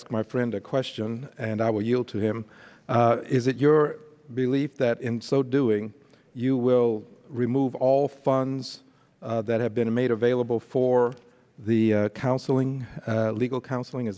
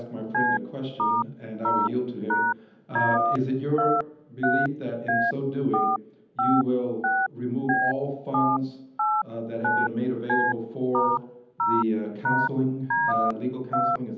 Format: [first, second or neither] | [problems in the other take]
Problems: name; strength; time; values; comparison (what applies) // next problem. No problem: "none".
first | background sound (Telephone); 2 dB above the speech // room echo; dies away in 0.9 s